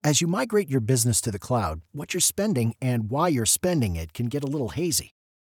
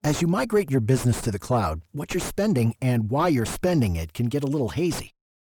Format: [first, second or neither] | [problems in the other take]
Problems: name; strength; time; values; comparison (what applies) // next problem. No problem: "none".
first | distortion; heavy; 5 dB below the speech